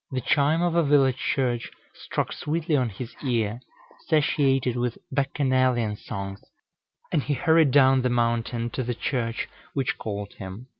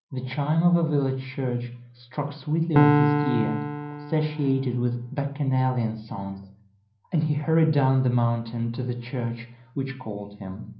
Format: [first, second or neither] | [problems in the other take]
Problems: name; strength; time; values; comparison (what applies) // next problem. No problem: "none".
first | background sound (Piano); as loud as the speech // room echo; dies away in 0.6 s